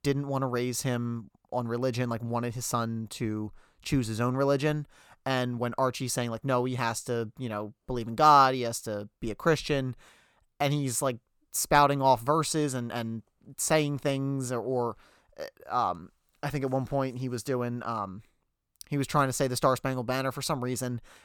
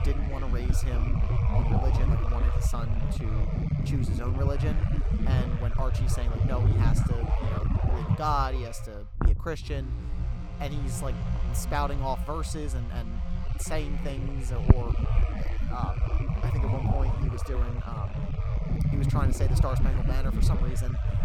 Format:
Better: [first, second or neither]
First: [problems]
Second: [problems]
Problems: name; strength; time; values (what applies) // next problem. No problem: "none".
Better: first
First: none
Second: low rumble; loud; throughout; 3 dB below the speech